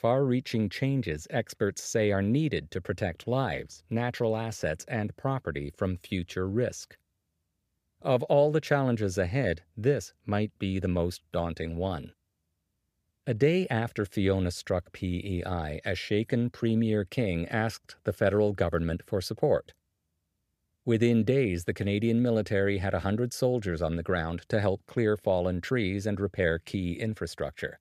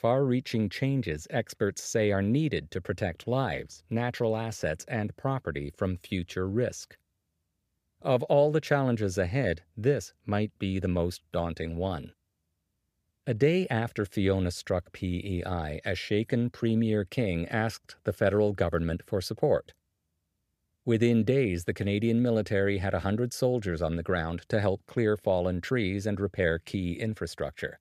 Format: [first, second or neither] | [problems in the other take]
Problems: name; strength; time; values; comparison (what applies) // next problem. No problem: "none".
neither | none